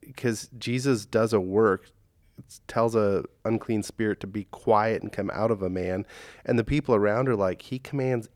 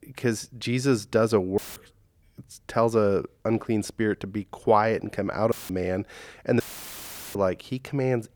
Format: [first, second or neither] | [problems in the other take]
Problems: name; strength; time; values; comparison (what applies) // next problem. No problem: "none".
first | audio cutting out; filled with static; at 1.5 s, at 5.5 s and at 6.5 s for 1 s